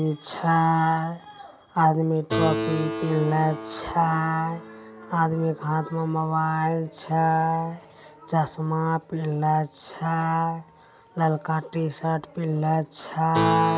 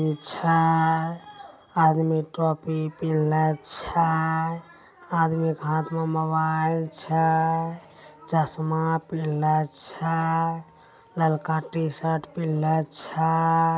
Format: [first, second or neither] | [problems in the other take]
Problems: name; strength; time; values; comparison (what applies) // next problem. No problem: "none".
second | background sound (Keyboard (musical)); 10 dB below the speech